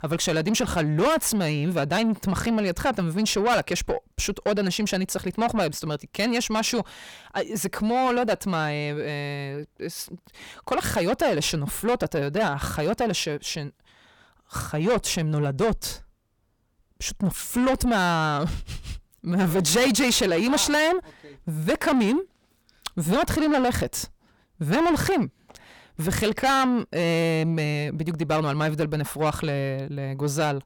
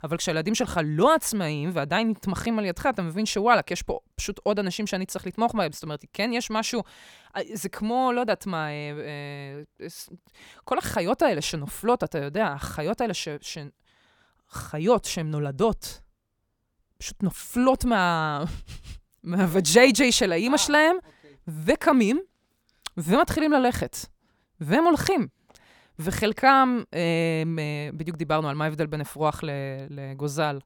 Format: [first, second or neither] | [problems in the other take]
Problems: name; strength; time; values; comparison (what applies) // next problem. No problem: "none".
second | distortion; heavy; 7 dB below the speech